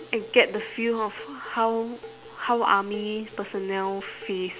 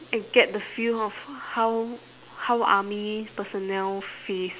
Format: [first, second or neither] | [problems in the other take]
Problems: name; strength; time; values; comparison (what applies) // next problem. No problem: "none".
second | background sound (Dishes, pots, and pans); 18 dB below the speech